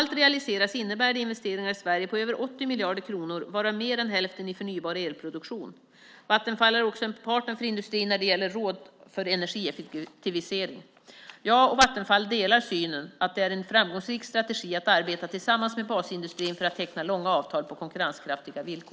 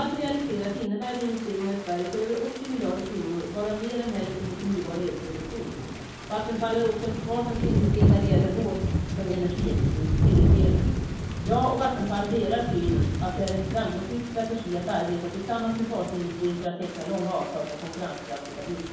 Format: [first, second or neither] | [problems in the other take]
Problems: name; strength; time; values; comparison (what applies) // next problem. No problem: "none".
first | background sound (Thunder / Rain); 1 dB above the speech // room echo; dies away in 0.9 s